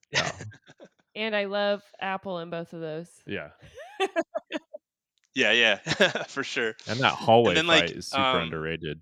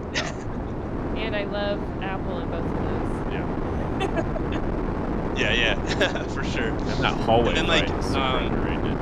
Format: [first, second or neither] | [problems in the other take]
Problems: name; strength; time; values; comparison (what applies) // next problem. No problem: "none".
first | wind noise on the microphone; heavy; 5 dB below the speech